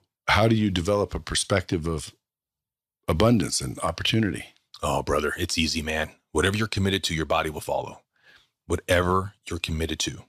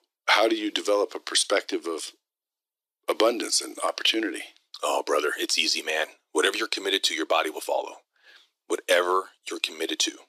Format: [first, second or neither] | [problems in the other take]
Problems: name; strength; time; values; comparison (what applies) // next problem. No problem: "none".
first | thin; very; fading below 300 Hz